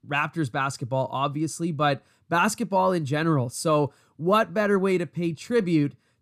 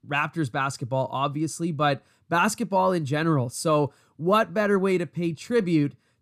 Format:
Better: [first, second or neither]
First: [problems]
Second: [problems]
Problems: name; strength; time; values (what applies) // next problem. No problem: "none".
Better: neither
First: none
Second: none